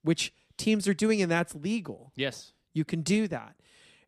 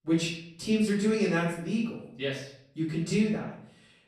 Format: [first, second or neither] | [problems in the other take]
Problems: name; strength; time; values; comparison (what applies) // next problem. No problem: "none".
first | off-mic speech; far // room echo; noticeable; dies away in 0.6 s